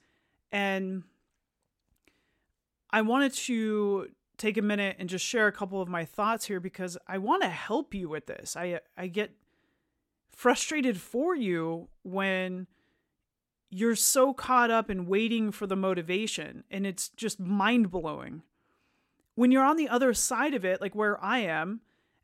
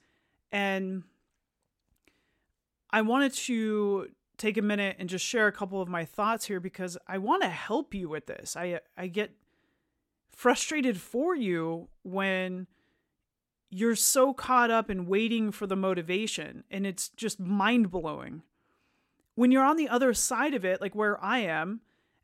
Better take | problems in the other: neither | none

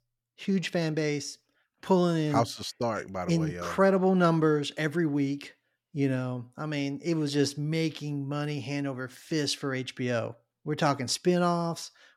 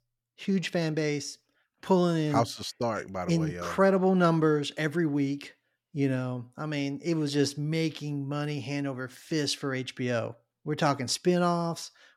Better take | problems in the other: neither | none

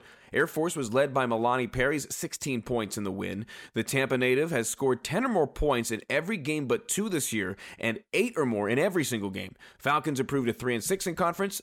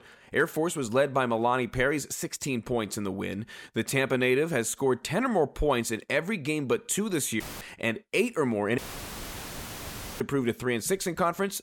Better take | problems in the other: first | audio cutting out; filled with static; at 7.5 s and at 9 s for 1.5 s

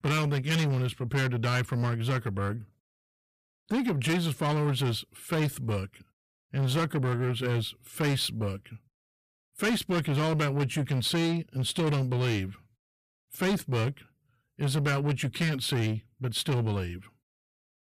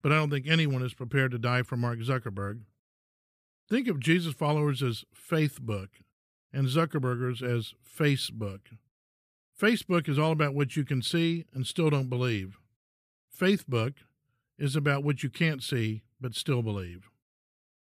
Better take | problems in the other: second | distortion; heavy; 7 dB below the speech

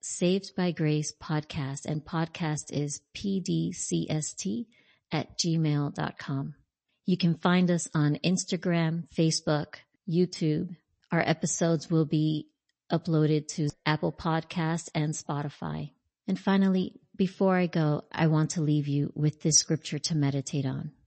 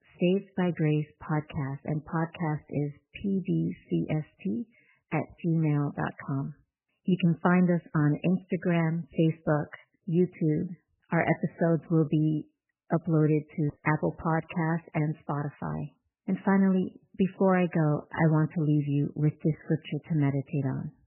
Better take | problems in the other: first | garbled, watery; badly; nothing above 3 kHz; slightly in the first

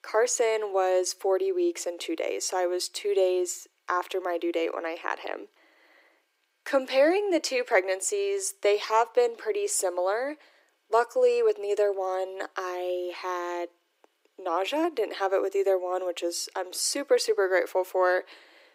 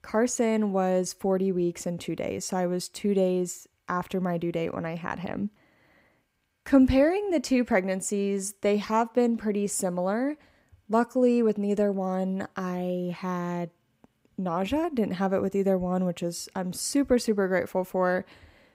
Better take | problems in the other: second | thin; very; fading below 300 Hz

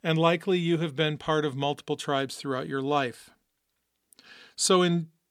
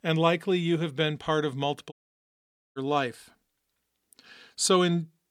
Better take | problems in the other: first | audio cutting out; at 2 s for 1 s

